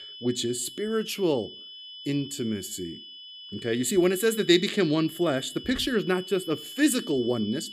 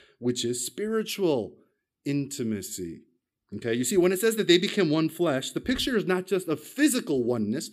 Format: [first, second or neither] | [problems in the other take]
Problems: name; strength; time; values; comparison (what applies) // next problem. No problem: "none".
second | high-pitched whine; noticeable; throughout; 3 kHz, 15 dB below the speech